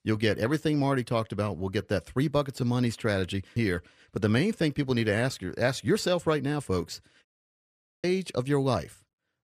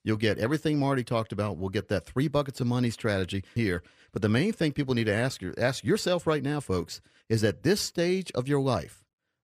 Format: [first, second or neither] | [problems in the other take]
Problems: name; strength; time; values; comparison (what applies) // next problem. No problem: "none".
second | audio cutting out; at 7.5 s for 1 s